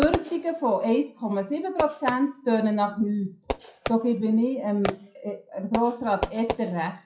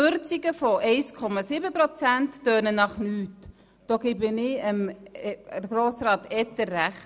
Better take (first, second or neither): second